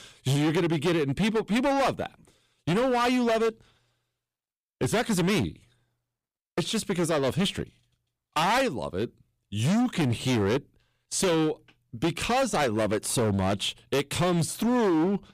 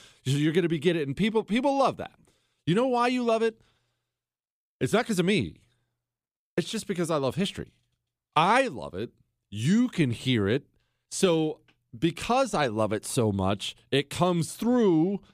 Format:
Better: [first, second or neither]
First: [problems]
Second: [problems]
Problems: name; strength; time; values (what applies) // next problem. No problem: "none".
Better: second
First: distortion; heavy; 17% of the sound clipped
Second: none